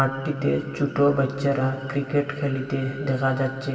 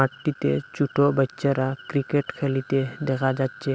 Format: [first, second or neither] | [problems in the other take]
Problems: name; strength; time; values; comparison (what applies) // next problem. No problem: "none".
second | room echo; dies away in 2.5 s